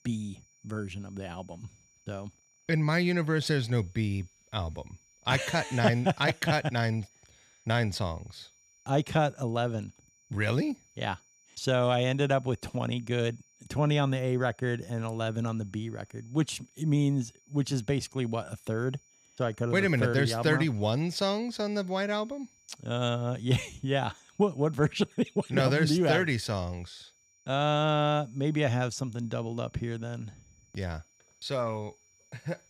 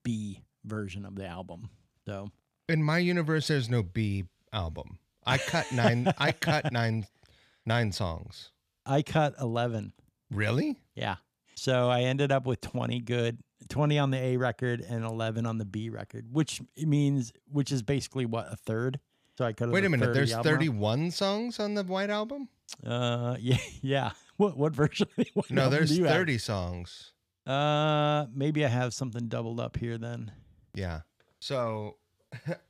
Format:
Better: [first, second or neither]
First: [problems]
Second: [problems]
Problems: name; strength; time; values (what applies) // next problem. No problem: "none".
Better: second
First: high-pitched whine; faint; throughout; 5.5 kHz, 30 dB below the speech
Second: none